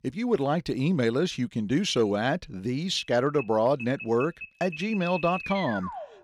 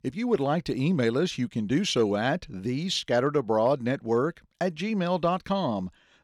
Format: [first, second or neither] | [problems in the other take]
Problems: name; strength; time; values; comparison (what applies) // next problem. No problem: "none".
second | alarm; noticeable; from 3 s on; peak 7 dB below the speech